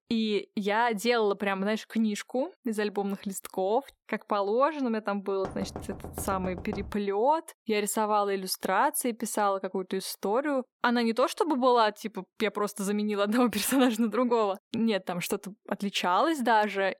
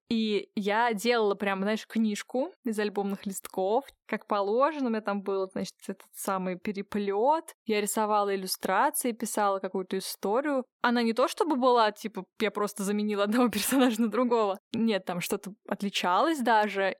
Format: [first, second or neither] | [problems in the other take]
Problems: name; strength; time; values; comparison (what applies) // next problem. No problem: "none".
second | door banging; faint; from 5.5 to 7 s; peak 10 dB below the speech